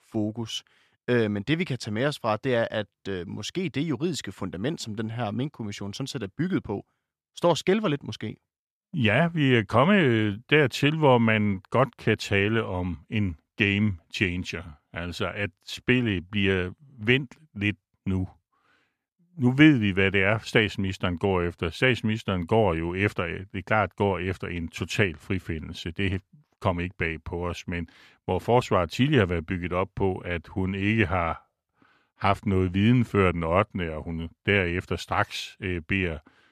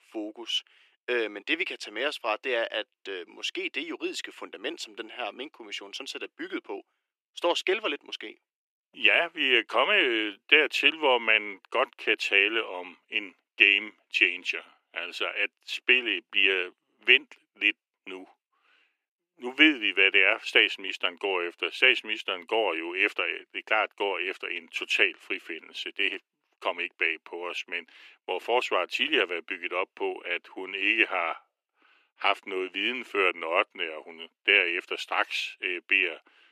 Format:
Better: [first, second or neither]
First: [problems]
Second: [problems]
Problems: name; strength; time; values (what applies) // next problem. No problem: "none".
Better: first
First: none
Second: thin; very; fading below 350 Hz